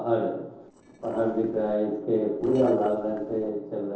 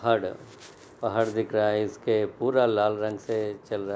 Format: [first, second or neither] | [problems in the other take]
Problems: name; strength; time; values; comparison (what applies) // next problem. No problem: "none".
second | noise reduction (neural separator model SepFormer DNS4)